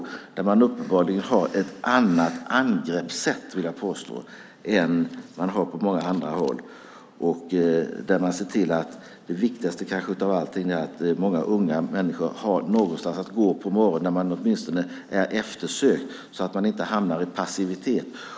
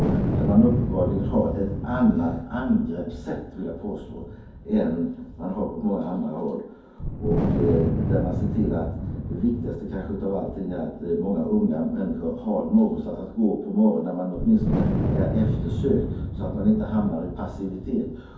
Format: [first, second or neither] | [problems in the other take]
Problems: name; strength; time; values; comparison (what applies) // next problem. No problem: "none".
first | background sound (Wind); 4 dB below the speech // room echo; dies away in 0.6 s